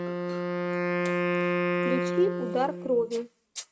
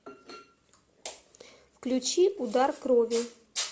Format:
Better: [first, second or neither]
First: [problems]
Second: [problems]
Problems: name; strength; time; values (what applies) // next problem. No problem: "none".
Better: second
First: noise reduction (neural mask model RNNoise)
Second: none